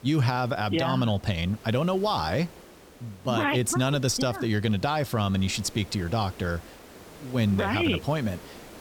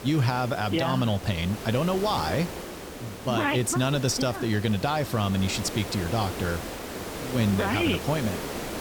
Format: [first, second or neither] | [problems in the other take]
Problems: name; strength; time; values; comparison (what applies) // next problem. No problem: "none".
first | hiss; loud; throughout; 9 dB below the speech; faint in the first